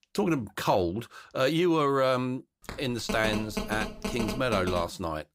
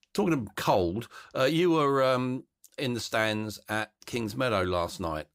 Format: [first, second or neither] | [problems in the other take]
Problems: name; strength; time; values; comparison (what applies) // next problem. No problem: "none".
second | phone ringing; noticeable; from 2.5 s on; peak 5 dB below the speech